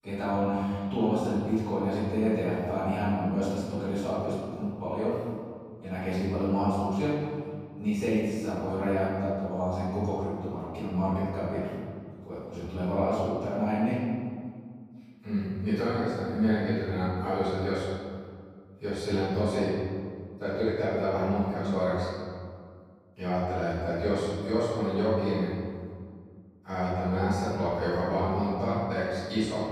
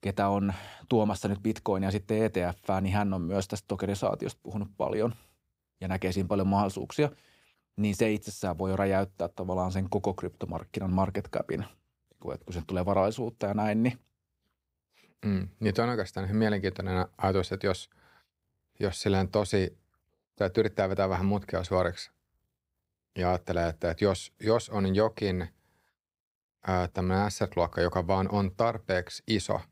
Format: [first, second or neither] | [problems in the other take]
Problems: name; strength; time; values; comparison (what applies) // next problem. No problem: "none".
second | room echo; strong; dies away in 1.9 s // off-mic speech; far